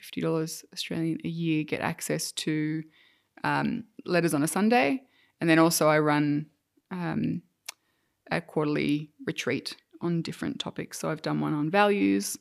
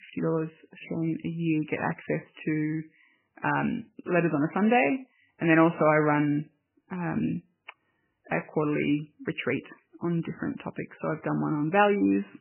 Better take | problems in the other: first | garbled, watery; badly; nothing above 3 kHz

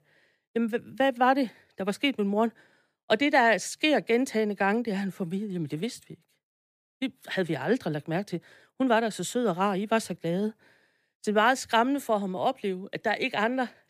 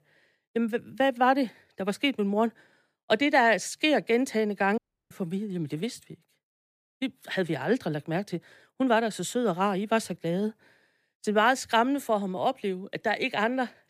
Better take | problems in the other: first | audio cutting out; at 5 s

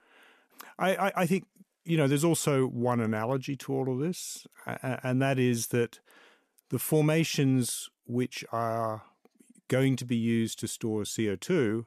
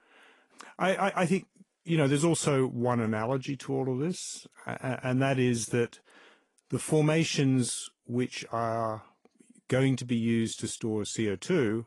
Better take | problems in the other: first | garbled, watery; slightly; nothing above 10.5 kHz

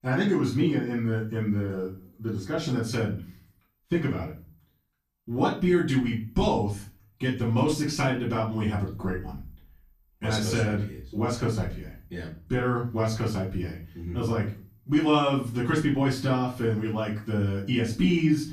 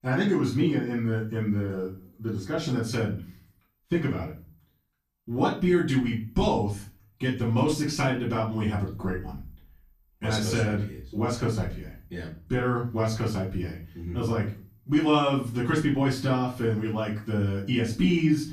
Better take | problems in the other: neither | off-mic speech; far; the same in both // room echo; slight; dies away in 0.4 s; the same in both

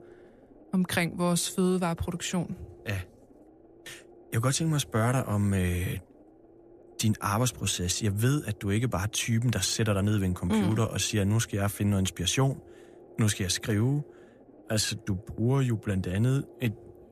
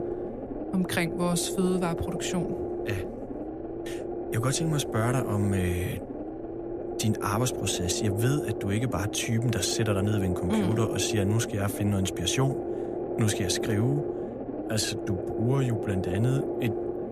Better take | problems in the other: first | low rumble; loud; throughout; 3 dB below the speech; faint in the first

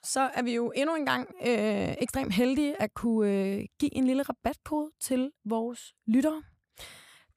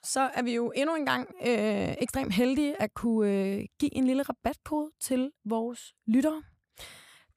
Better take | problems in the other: neither | none

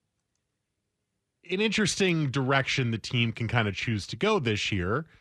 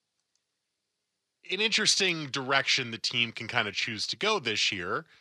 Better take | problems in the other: first | thin; somewhat; fading below 650 Hz

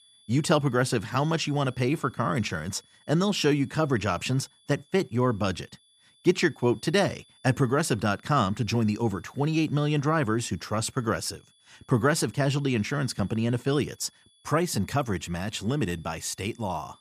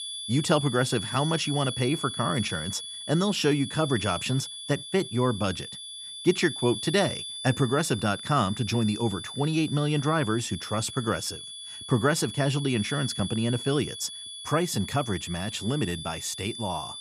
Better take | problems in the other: first | high-pitched whine; loud; throughout; 3.5 kHz, 8 dB below the speech; faint in the first

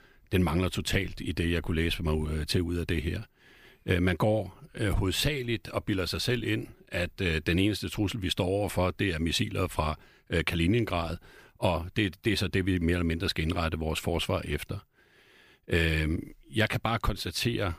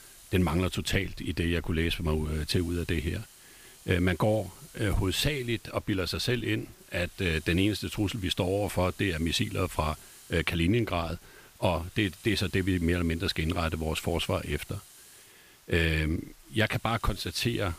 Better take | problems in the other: first | hiss; faint; throughout; 20 dB below the speech

